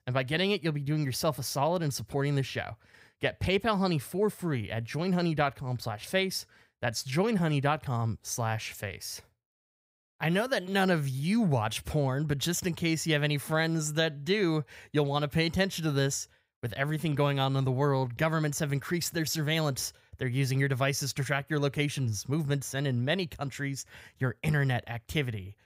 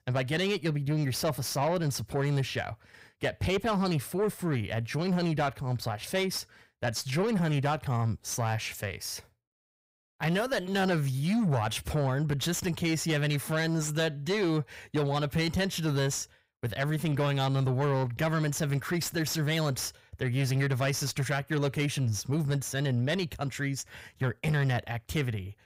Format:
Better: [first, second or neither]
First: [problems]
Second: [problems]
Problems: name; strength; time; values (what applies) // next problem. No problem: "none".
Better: first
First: none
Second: distortion; slight; 10 dB below the speech